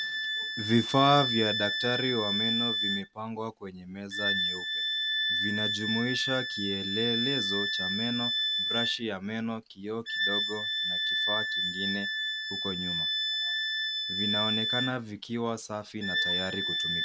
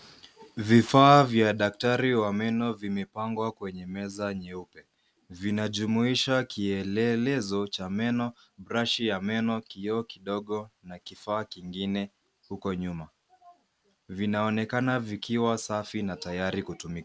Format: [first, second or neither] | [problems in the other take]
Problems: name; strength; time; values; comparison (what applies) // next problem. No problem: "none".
second | background sound (Wind instrument, woodwind instrument); 1 dB above the speech